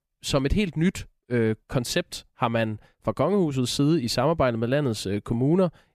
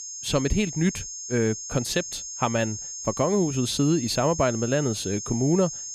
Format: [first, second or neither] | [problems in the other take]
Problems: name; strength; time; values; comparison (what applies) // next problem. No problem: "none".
first | high-pitched whine; loud; throughout; 6.5 kHz, 8 dB below the speech